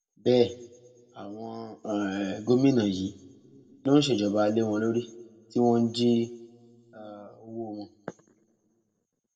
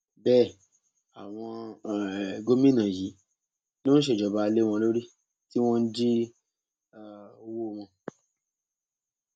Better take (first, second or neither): second